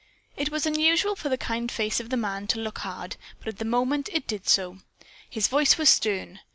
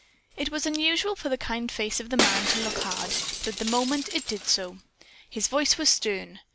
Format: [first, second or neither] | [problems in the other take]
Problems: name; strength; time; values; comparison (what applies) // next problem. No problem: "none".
first | background sound (Shatter); 5 dB below the speech